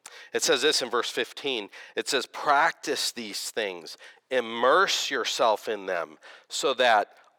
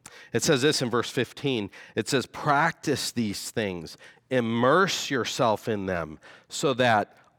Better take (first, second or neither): second